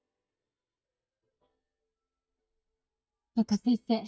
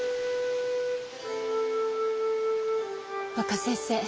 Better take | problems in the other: second | noise reduction (neural mask model DeepFilterNet 3)

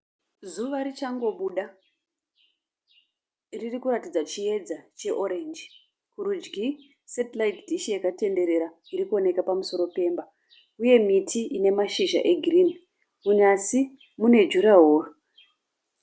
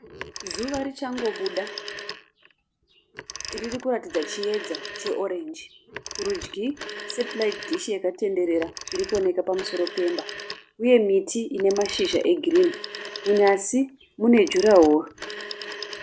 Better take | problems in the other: first | background sound (Telephone); 13 dB below the speech

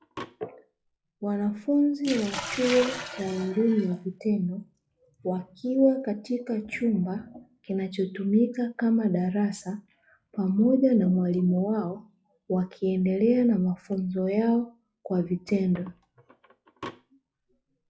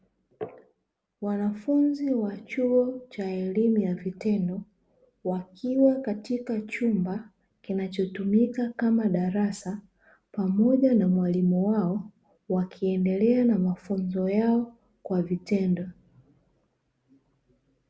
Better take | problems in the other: second | noise reduction (classical method log-MMSE)

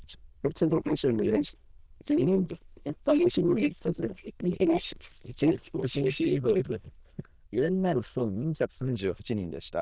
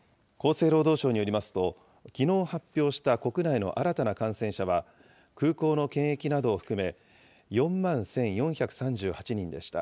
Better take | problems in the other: second | noise reduction (neural diffusion model UNIVERSE++)

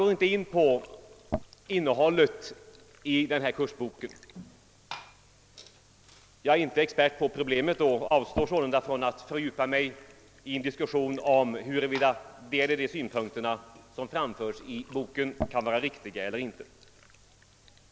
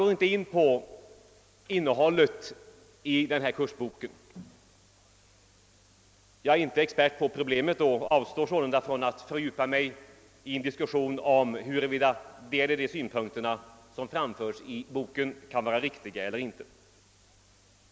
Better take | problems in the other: second | background sound (Fill (with liquid) / Glass); 16 dB below the speech

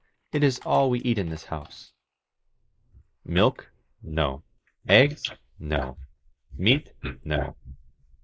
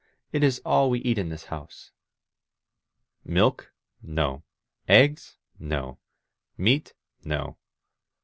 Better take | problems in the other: second | noise reduction (neural mask model Resemble Enhance denoiser)

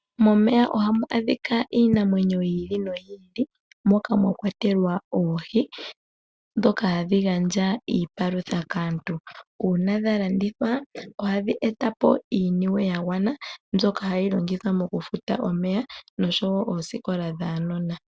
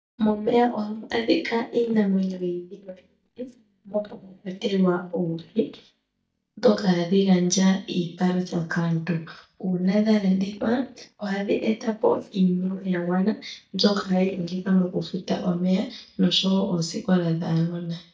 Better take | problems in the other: first | noise reduction (neural mask model DeepFilterNet 3)

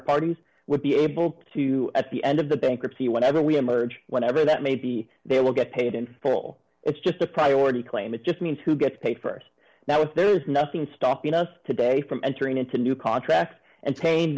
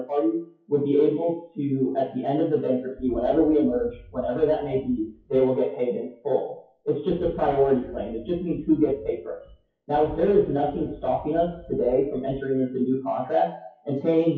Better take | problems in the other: first | noise reduction (classical method WPE with log-MMSE)

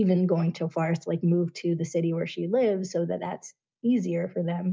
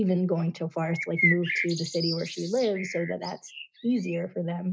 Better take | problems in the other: first | noise reduction (neural mask model RNNoise)

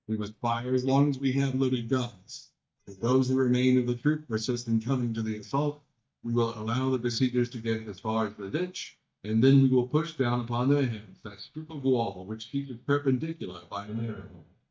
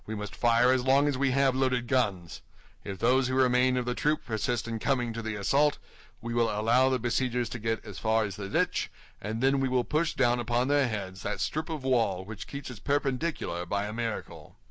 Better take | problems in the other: second | noise reduction (neural mask model DeepFilterNet 3)

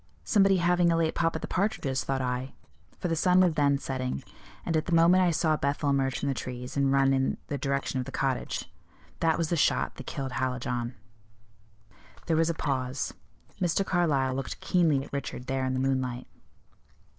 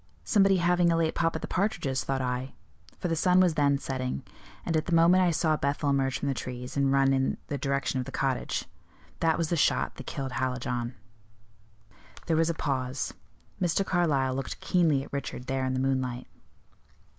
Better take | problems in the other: second | noise reduction (neural separator model SepFormer DNS4)

